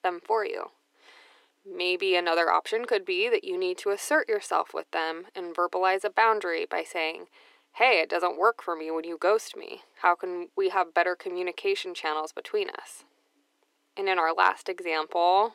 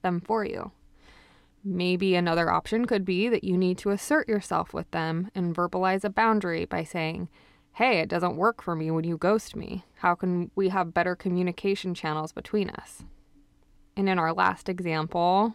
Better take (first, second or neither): second